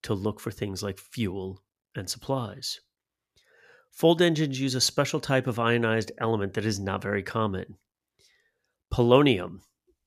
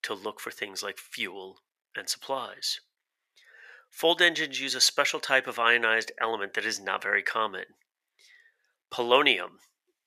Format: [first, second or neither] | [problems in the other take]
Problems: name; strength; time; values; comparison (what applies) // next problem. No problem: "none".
first | thin; very; fading below 600 Hz